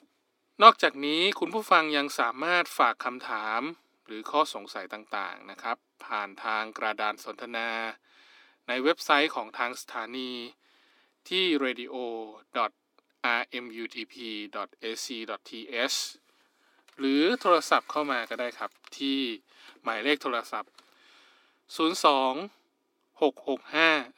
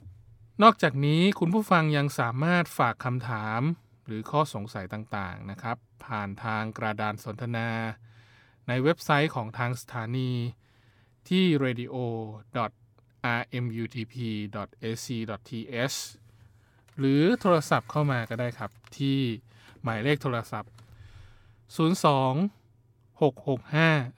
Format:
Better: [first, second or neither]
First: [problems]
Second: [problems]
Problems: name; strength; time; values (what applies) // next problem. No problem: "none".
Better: second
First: thin; somewhat; fading below 300 Hz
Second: none